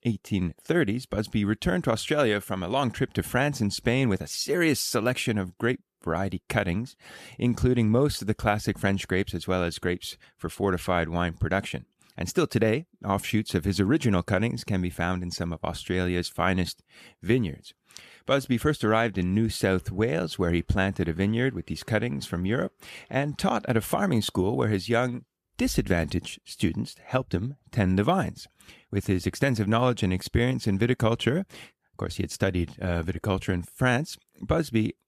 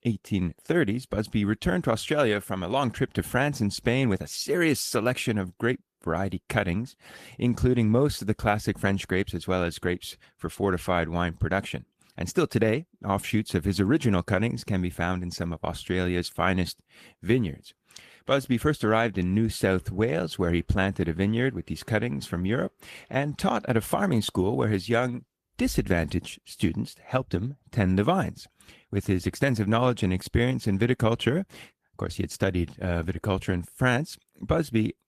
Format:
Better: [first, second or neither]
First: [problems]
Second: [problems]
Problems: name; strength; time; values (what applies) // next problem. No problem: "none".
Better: first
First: none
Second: garbled, watery; slightly; nothing above 14.5 kHz